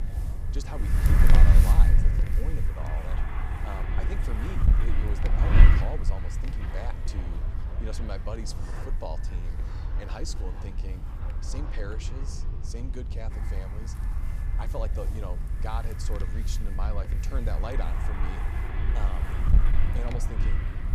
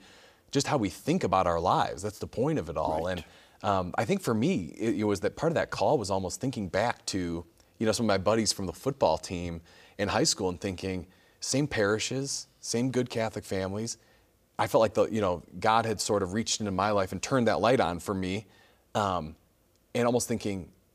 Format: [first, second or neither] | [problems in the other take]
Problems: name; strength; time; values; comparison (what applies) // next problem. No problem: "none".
second | wind noise on the microphone; heavy; 1 dB above the speech